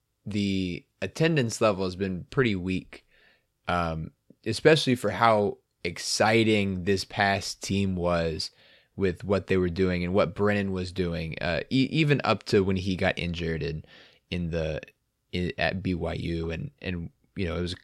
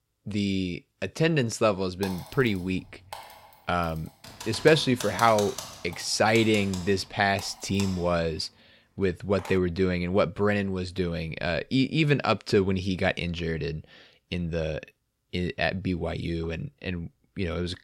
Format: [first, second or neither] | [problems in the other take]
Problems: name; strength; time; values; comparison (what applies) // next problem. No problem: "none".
first | keyboard typing; noticeable; from 2 to 9.5 s; peak 8 dB below the speech